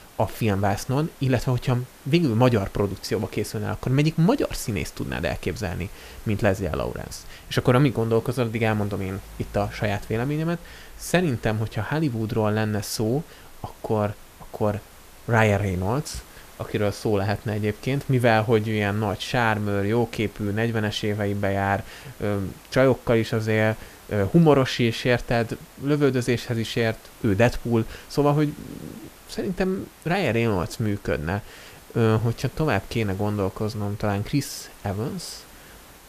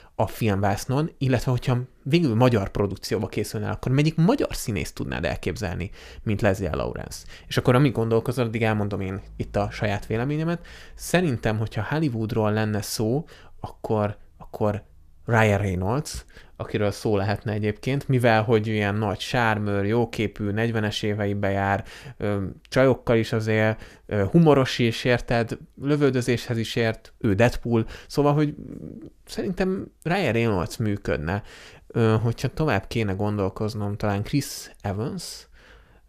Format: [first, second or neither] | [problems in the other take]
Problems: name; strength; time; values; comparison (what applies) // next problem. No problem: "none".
second | hiss; faint; throughout; 25 dB below the speech